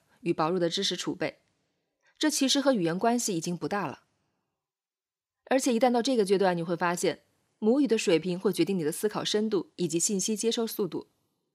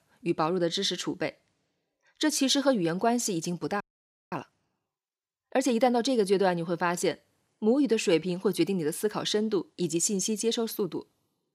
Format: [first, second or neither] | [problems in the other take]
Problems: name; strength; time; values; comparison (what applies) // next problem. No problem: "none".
first | audio freezing; at 4 s for 0.5 s